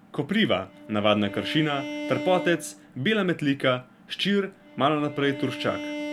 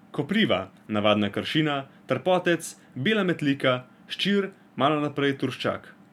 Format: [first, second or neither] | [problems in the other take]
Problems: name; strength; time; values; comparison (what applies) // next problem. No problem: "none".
second | background sound (Bowed string instrument); 11 dB below the speech